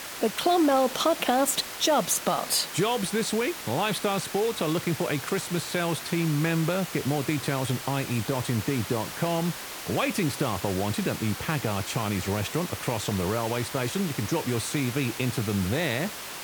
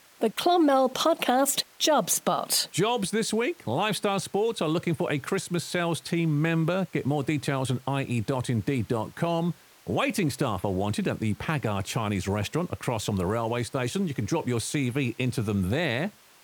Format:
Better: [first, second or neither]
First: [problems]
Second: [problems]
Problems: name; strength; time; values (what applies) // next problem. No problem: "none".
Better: second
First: hiss; loud; throughout; 8 dB below the speech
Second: hiss; faint; throughout; 25 dB below the speech